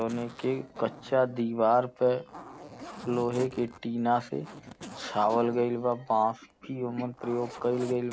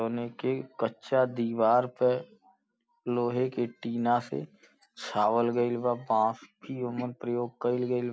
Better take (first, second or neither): second